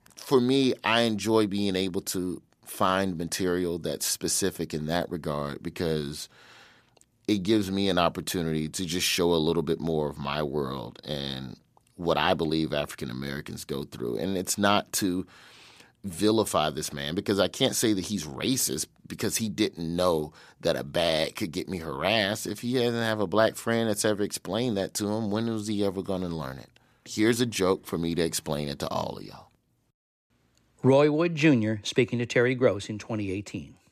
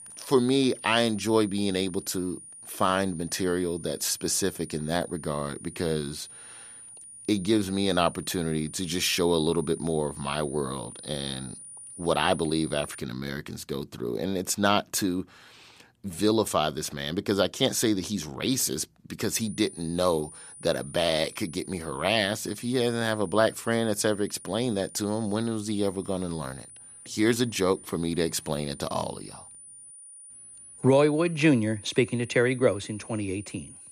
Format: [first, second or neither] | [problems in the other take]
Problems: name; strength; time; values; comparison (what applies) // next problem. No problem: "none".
first | high-pitched whine; noticeable; until 13 s and from 19 s on; 9.5 kHz, 15 dB below the speech